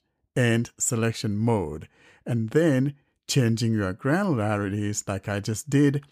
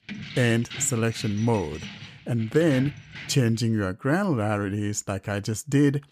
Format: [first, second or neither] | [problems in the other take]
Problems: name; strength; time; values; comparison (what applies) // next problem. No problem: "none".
first | jangling keys; faint; until 3.5 s; peak 10 dB below the speech